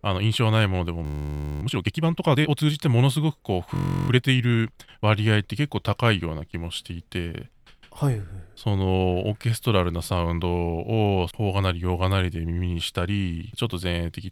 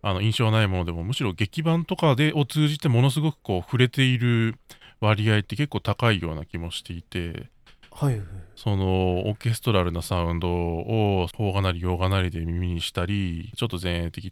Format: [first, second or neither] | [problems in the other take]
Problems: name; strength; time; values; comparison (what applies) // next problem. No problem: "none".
second | audio freezing; at 1 s for 0.5 s and at 3.5 s